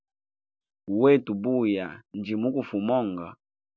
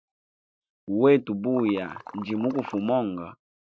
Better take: first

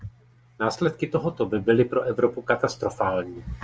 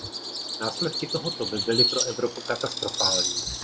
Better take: first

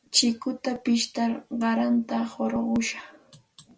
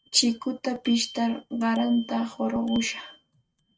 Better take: first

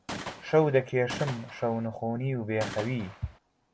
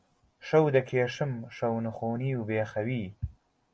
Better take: second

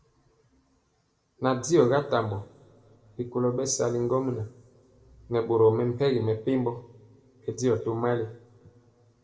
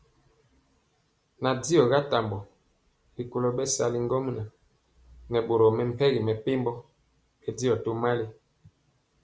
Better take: second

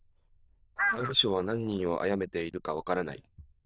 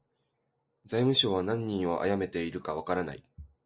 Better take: second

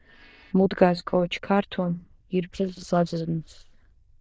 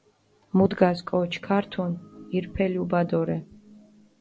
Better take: second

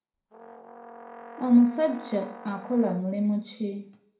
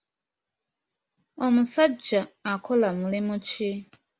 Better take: second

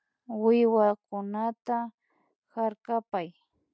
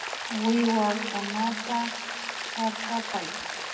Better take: first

